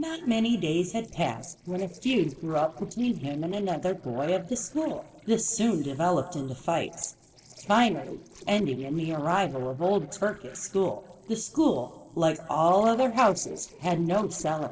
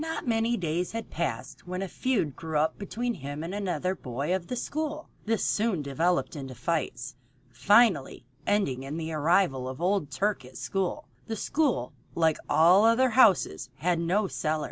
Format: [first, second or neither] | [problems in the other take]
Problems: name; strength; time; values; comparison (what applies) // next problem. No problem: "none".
second | noise reduction (neural separator model SepFormer DNS4)